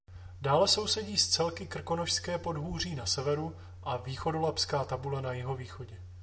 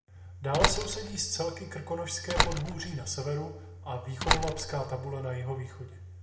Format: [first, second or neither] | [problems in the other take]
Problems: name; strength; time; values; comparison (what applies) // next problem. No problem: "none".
first | background sound (Slam); 1 dB above the speech // room echo; dies away in 0.8 s